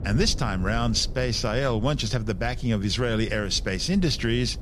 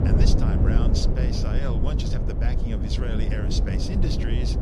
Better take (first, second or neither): first